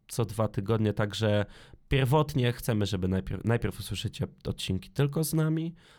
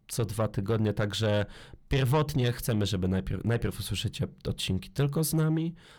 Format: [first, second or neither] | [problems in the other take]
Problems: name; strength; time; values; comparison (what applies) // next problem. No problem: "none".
first | distortion; slight; 10 dB below the speech